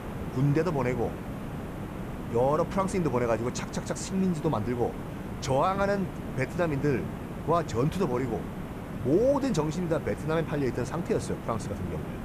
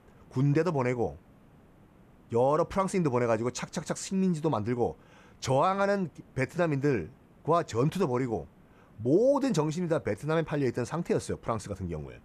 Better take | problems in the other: second | hiss; loud; throughout; 8 dB below the speech; faint in the second

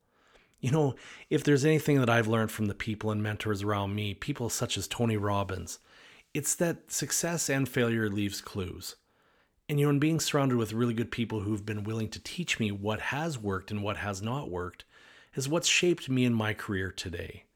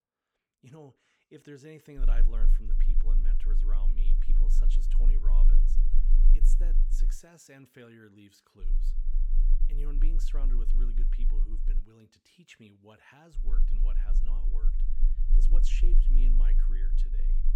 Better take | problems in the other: first | low rumble; loud; from 2 to 7 s, from 8.5 to 12 s and from 13 s on; 6 dB below the speech

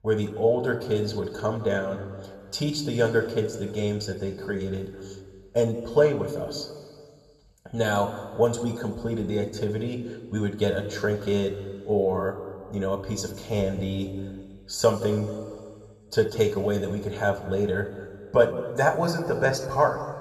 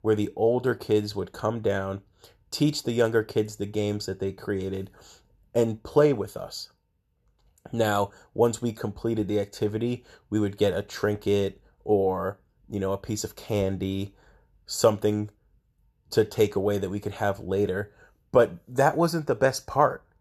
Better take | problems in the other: second | room echo; slight; dies away in 2 s

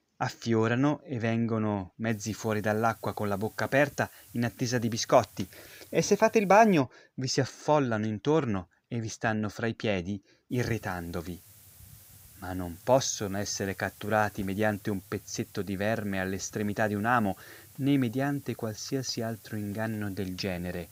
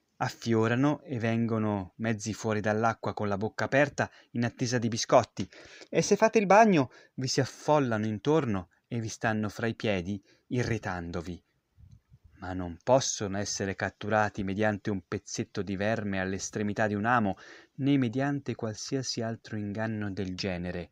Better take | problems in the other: second | hiss; faint; from 2 to 7 s and from 11 s on; 20 dB below the speech

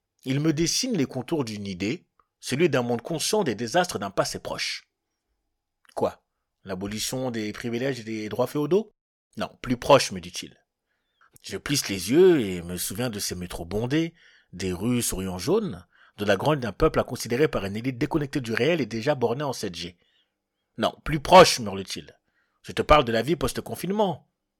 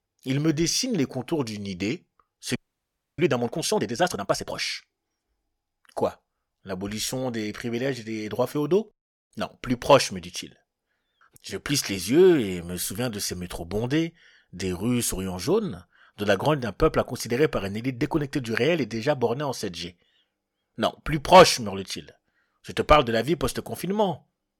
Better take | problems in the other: first | audio freezing; at 2.5 s for 0.5 s

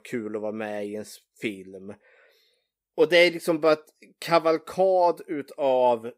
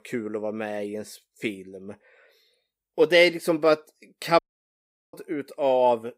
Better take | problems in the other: first | audio cutting out; at 4.5 s for 0.5 s

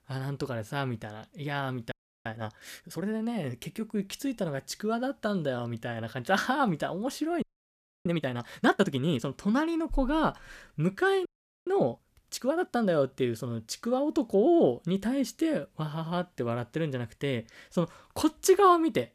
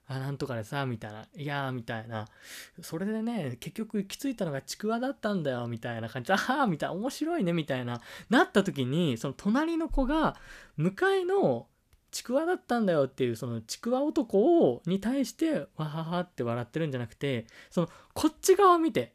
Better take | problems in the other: second | audio freezing; at 2 s, at 7.5 s for 0.5 s and at 11 s

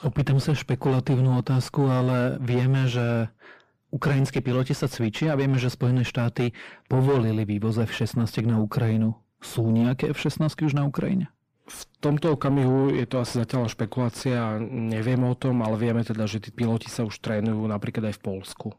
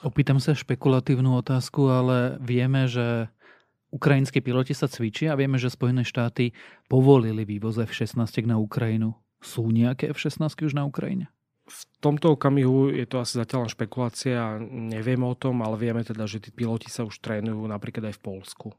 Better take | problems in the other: second | distortion; heavy; 7 dB below the speech

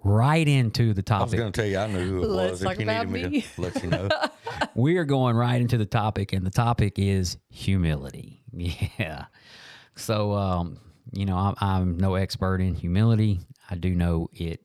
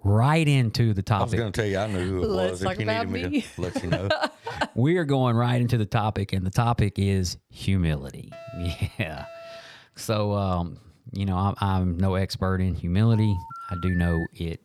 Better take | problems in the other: first | alarm; faint; from 8.5 to 10 s; peak 15 dB below the speech // phone ringing; noticeable; from 13 s on; peak 10 dB below the speech

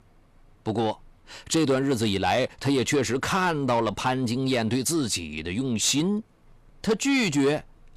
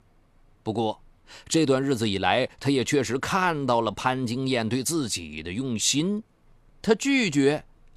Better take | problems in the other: second | distortion; slight; 10 dB below the speech

